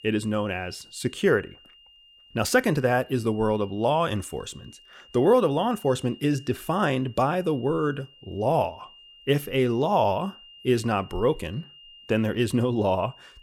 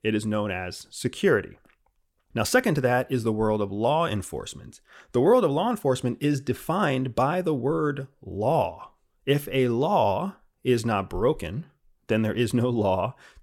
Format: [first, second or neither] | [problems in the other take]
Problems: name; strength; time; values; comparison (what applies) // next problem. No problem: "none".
second | high-pitched whine; faint; throughout; 3 kHz, 25 dB below the speech